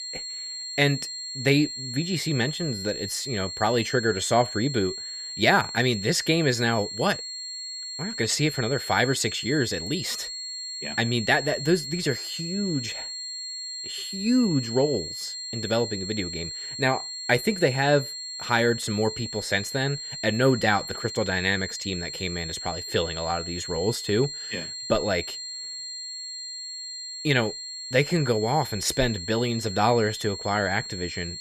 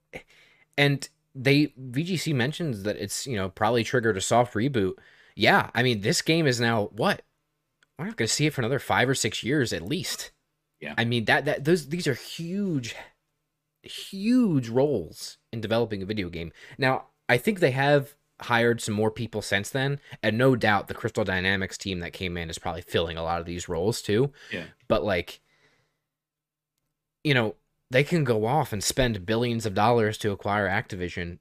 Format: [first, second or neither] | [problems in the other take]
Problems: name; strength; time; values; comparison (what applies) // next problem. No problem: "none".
second | high-pitched whine; loud; throughout; 4.5 kHz, 7 dB below the speech